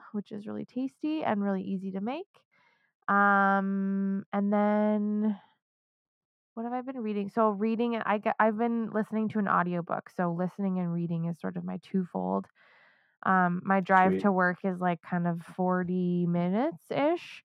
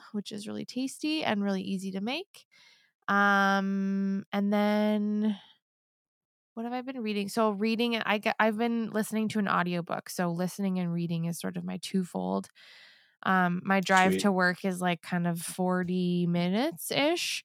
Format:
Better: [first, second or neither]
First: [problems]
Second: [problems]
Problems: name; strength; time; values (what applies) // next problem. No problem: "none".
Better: second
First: muffled; very; fading above 3 kHz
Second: none